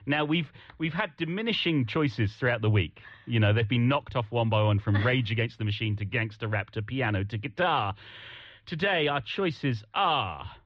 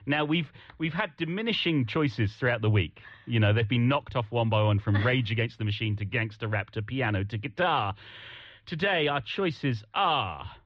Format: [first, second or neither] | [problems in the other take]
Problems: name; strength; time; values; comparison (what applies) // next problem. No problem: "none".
neither | muffled; very; fading above 3.5 kHz; the same in both